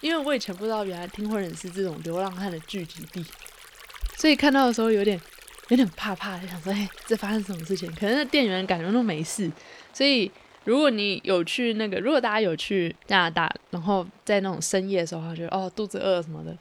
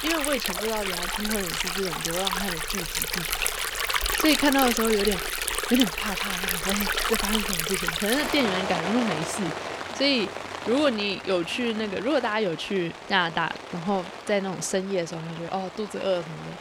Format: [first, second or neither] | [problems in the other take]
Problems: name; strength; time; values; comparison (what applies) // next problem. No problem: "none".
first | rain or running water; loud; throughout; 1 dB below the speech; faint in the first